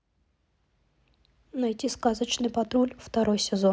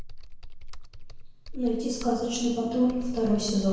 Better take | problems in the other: first | background sound (Computer keyboard); 9 dB below the speech // room echo; dies away in 1 s

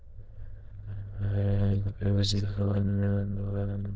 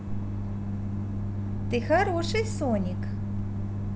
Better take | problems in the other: second | noise reduction (neural diffusion model UNIVERSE++)

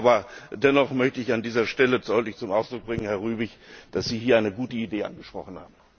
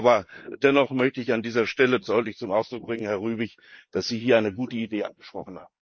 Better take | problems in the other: first | noise reduction (neural mask model Resemble Enhance denoiser)

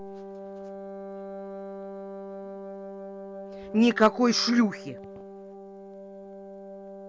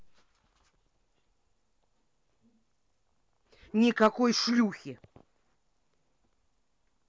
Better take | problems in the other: second | background sound (Wind instrument, woodwind instrument); 11 dB below the speech

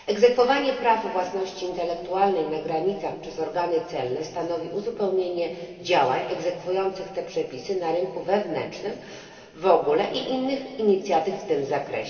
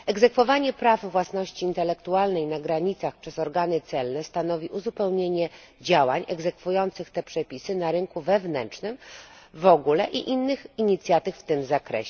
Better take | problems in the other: second | room echo; dies away in 2.5 s

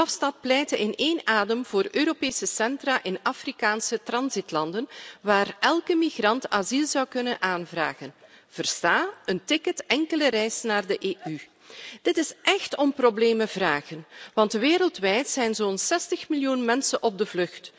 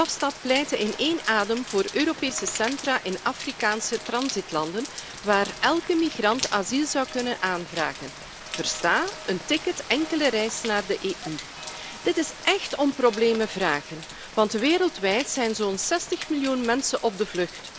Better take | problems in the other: first | background sound (Rain); 12 dB below the speech

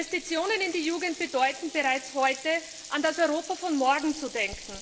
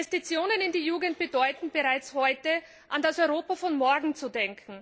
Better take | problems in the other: second | background sound (Sink (filling or washing)); 15 dB below the speech // room echo; dies away in 2 s

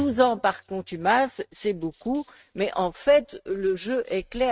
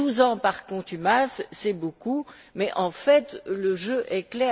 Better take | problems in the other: second | noise reduction (neural mask model RNNoise)

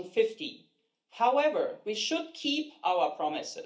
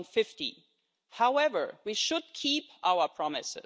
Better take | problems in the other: second | room echo; dies away in 0.3 s

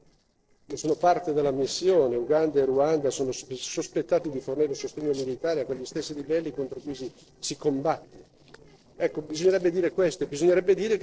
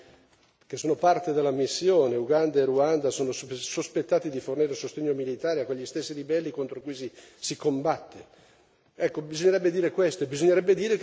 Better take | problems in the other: second | noise reduction (neural separator model SepFormer DNS4)

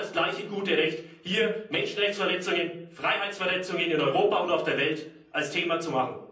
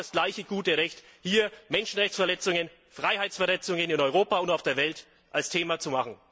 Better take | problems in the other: second | room echo; dies away in 0.6 s

